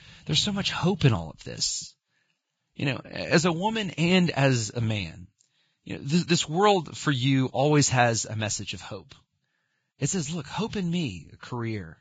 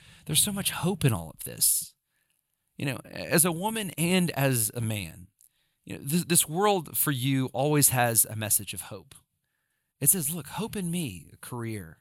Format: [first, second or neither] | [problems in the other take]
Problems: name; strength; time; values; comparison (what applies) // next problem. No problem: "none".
second | garbled, watery; badly; nothing above 7.5 kHz